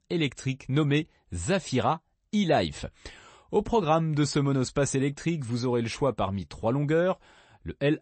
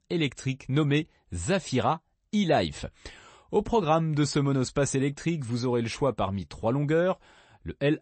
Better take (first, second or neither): neither